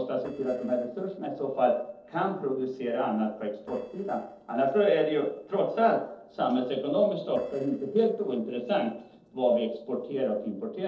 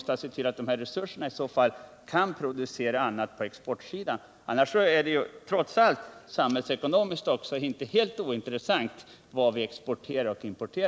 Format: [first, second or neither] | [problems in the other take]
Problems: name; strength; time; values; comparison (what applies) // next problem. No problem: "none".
second | noise reduction (neural separator model SepFormer DNS4)